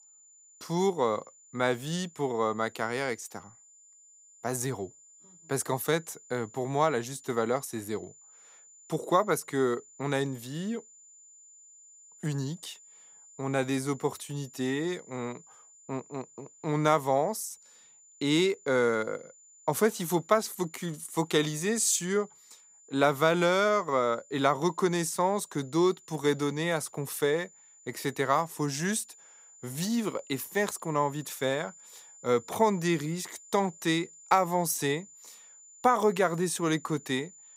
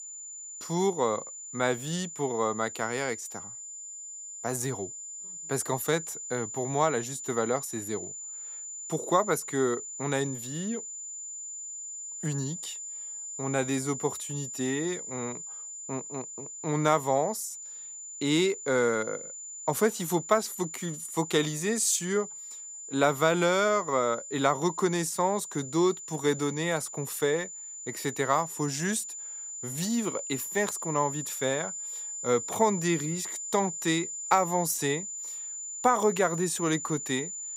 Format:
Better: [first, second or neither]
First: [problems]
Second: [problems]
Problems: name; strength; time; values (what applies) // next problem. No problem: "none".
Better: first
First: high-pitched whine; faint; throughout; 7 kHz, 25 dB below the speech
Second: high-pitched whine; loud; throughout; 7 kHz, 8 dB below the speech